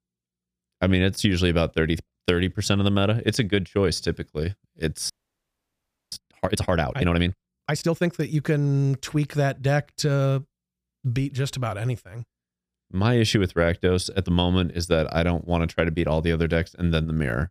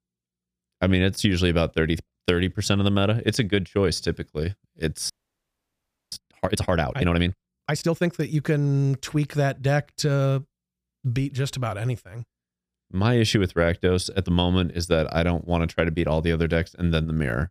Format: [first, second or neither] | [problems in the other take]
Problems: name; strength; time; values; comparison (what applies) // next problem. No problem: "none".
neither | audio freezing; at 5 s for 1 s; the same in both